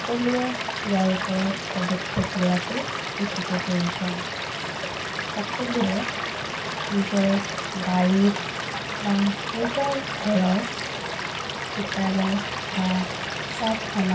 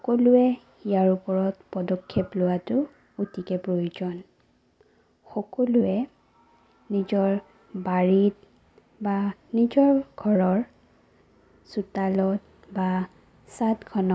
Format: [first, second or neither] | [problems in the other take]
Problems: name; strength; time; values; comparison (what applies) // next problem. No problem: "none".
second | background sound (Stream / Liquid); 4 dB below the speech // room echo; dies away in 0.2 s